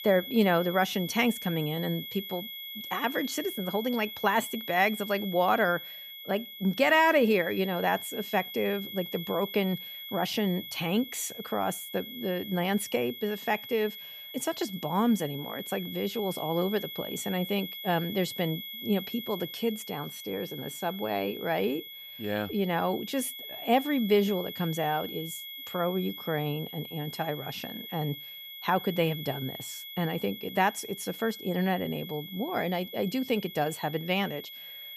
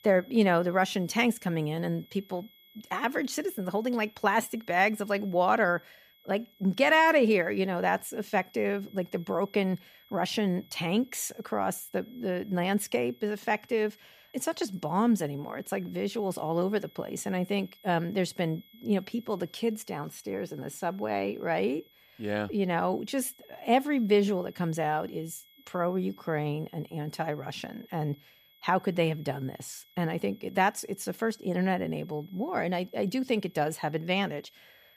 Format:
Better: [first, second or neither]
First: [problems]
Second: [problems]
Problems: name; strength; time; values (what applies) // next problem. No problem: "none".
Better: second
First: high-pitched whine; loud; throughout; 3.5 kHz, 9 dB below the speech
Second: high-pitched whine; faint; throughout; 3.5 kHz, 30 dB below the speech